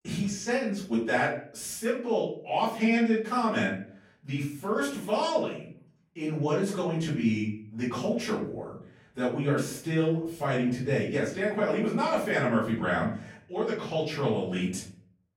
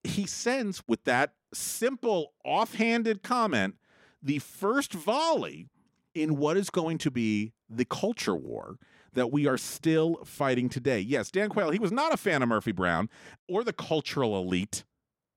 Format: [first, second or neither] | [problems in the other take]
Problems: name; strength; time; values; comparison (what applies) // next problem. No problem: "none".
second | off-mic speech; far // room echo; noticeable; dies away in 0.5 s